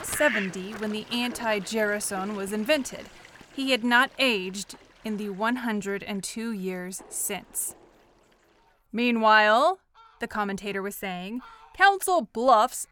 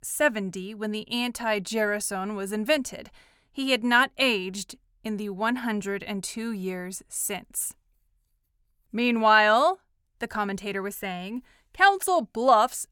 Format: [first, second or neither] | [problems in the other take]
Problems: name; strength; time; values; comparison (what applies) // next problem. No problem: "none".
second | animal sounds; noticeable; throughout; 15 dB below the speech